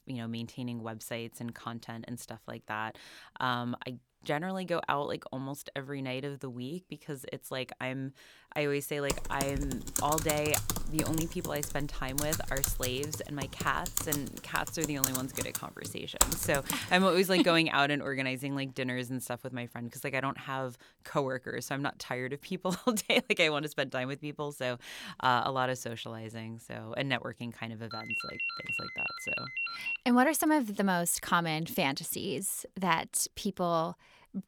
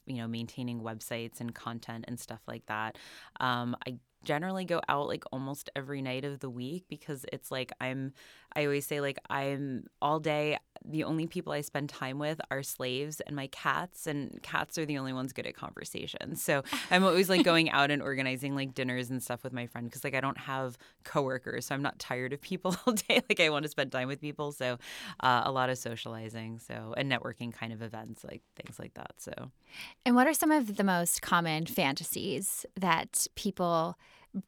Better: second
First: keyboard typing; loud; from 9 to 17 s; peak 5 dB above the speech // phone ringing; loud; from 28 to 30 s; peak level with the speech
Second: none

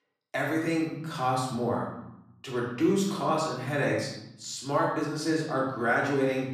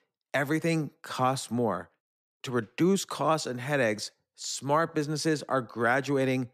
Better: second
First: off-mic speech; far // room echo; noticeable; dies away in 0.8 s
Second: none

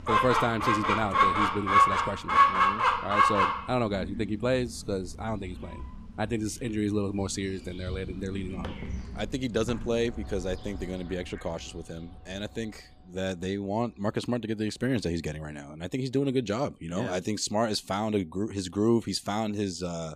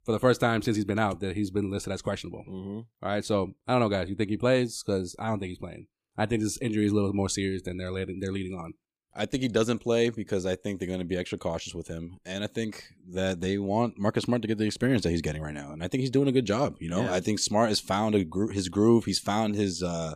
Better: second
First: animal sounds; very loud; throughout; 5 dB above the speech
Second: none

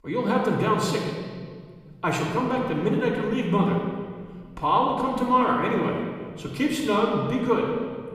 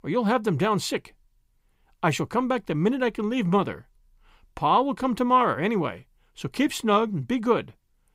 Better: second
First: off-mic speech; far // room echo; noticeable; dies away in 1.7 s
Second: none

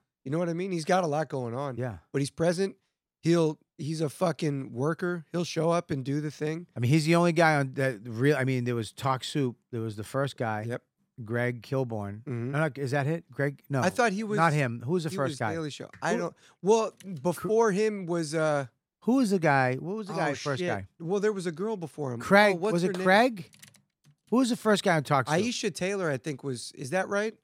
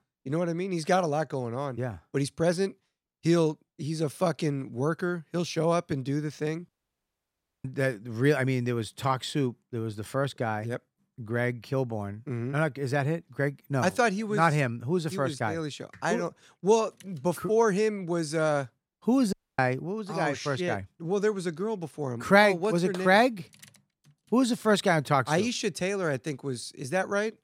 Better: first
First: none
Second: audio cutting out; at 6.5 s for 1 s and at 19 s

